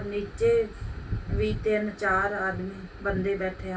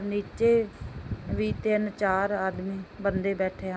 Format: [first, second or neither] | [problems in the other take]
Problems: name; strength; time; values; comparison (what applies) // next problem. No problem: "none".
second | room echo; dies away in 0.1 s